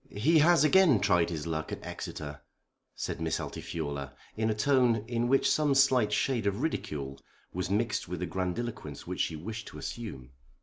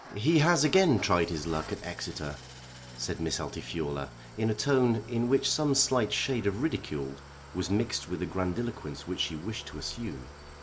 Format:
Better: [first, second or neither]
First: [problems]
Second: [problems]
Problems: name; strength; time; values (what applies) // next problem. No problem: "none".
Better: first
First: none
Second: background sound (Idling / Engine starting); 17 dB below the speech